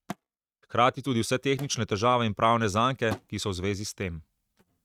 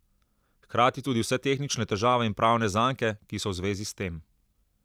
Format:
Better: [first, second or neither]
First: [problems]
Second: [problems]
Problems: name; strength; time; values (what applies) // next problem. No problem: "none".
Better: second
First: noise reduction (neural mask model RNNoise)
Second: none